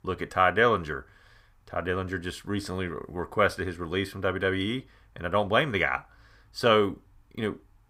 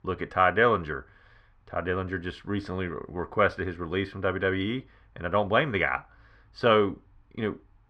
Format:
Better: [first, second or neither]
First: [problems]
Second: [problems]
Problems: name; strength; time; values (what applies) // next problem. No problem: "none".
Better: first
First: none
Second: muffled; slightly; fading above 3 kHz